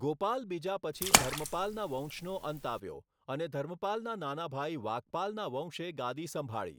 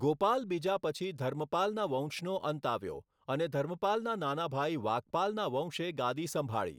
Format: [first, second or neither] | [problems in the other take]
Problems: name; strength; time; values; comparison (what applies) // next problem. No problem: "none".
second | background sound (Splash, splatter); 3 dB above the speech